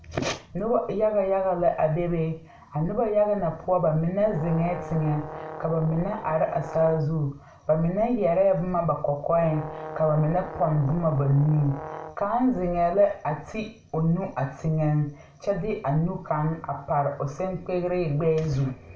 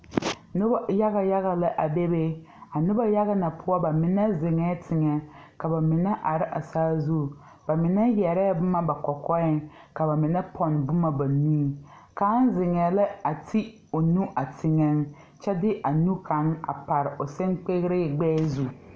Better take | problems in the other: second | background sound (Brass instrument); 13 dB below the speech // room echo; dies away in 0.3 s

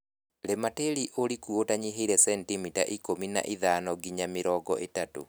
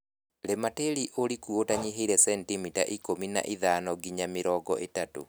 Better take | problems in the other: first | background sound (Breathing); 18 dB below the speech

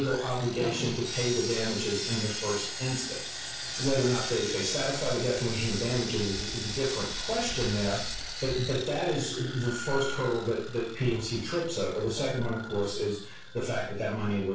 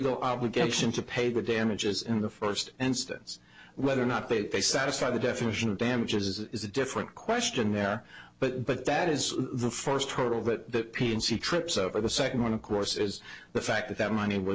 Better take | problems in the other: second | background sound (Sawing); 7 dB below the speech // room echo; dies away in 0.4 s

